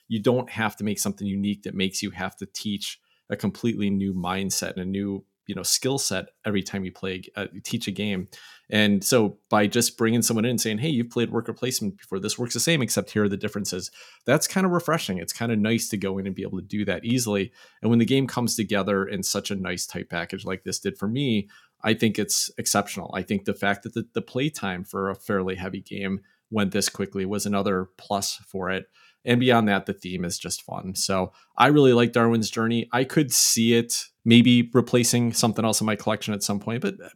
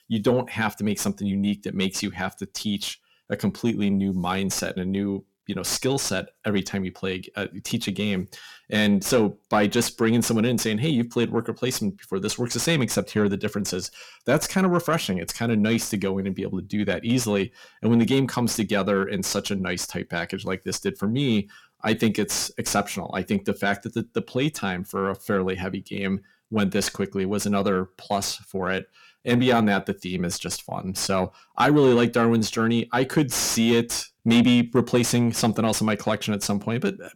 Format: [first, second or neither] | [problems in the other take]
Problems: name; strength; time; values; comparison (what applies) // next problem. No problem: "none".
first | distortion; slight; 10 dB below the speech